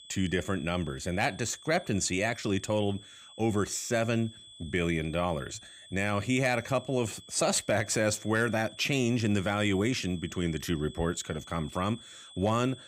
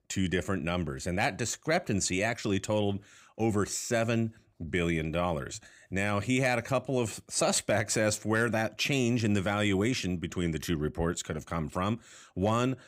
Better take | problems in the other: second | high-pitched whine; noticeable; throughout; 3.5 kHz, 20 dB below the speech

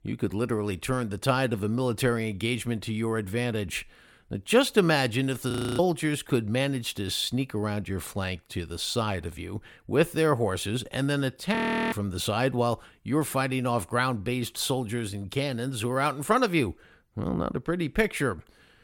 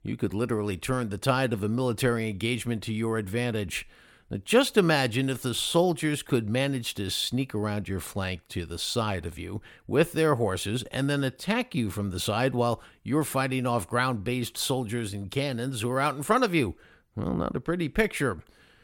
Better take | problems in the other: second | audio freezing; at 5.5 s and at 12 s

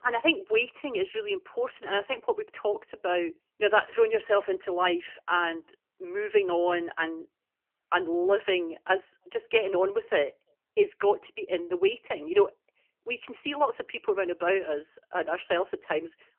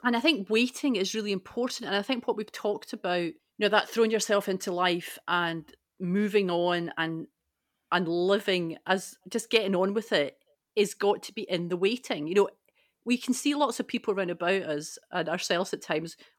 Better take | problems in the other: second | phone-call audio; poor line; nothing above 3 kHz

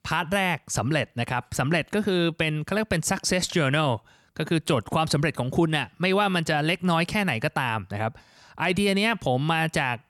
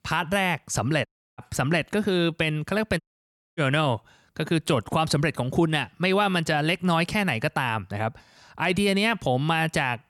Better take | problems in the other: first | audio cutting out; at 1 s and at 3 s for 0.5 s

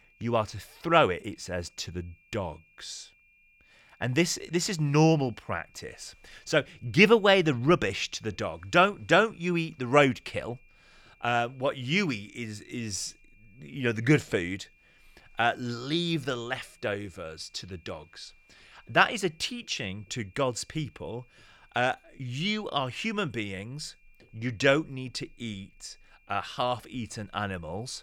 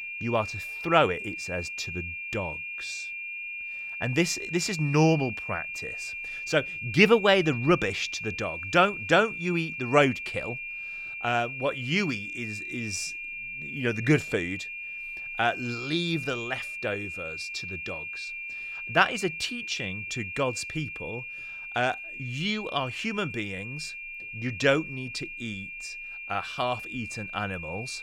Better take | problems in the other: first | high-pitched whine; loud; throughout; 2.5 kHz, 7 dB below the speech; faint in the first

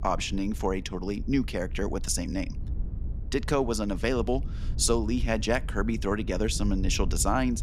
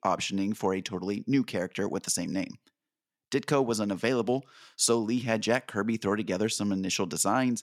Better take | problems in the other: second | low rumble; faint; throughout; 20 dB below the speech

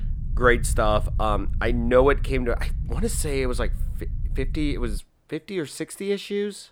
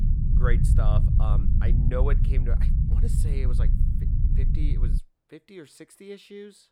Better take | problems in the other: first | low rumble; loud; until 5 s; 2 dB below the speech; faint in the first

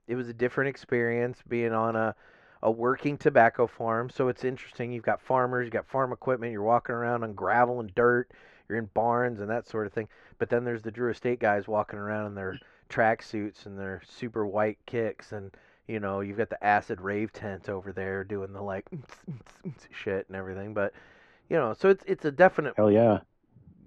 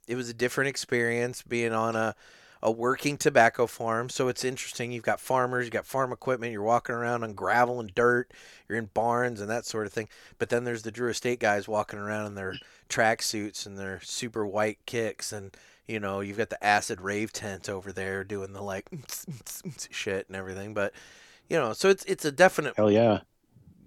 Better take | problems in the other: second | muffled; very; fading above 1.5 kHz

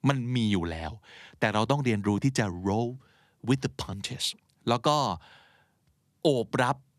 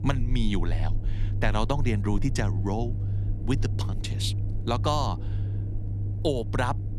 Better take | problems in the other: first | low rumble; noticeable; throughout; 15 dB below the speech

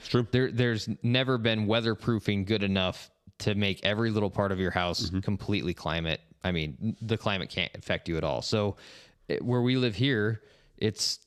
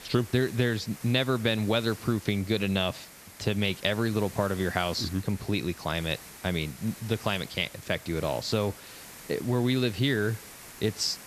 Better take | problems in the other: first | hiss; noticeable; throughout; 15 dB below the speech

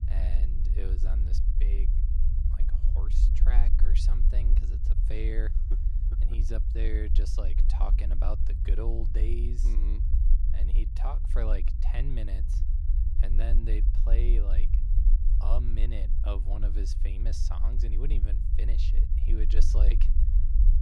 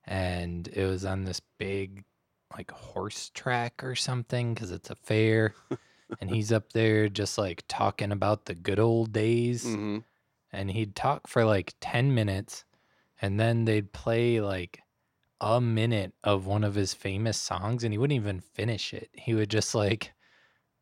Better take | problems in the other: second | low rumble; loud; throughout; 6 dB below the speech

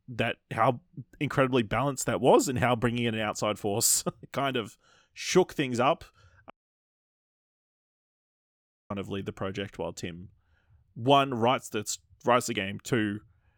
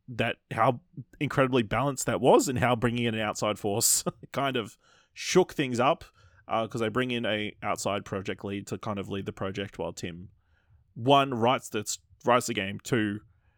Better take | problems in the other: second | audio cutting out; at 6.5 s for 2.5 s

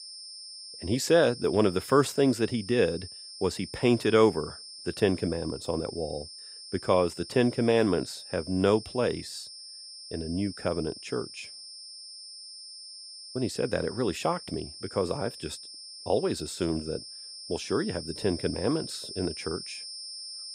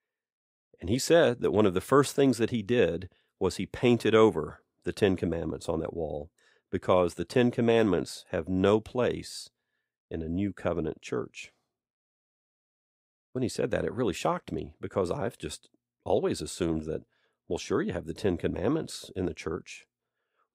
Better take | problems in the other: second | high-pitched whine; noticeable; throughout; 5.5 kHz, 15 dB below the speech

